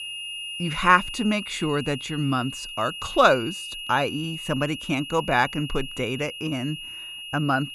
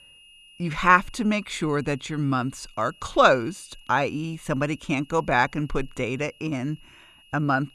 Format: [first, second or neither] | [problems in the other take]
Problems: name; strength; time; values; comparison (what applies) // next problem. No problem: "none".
second | high-pitched whine; loud; throughout; 3 kHz, 9 dB below the speech; faint in the second